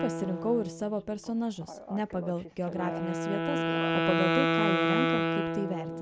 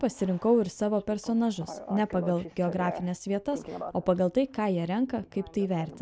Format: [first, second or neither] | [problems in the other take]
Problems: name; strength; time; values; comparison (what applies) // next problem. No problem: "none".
second | background sound (Wind instrument, woodwind instrument); 2 dB above the speech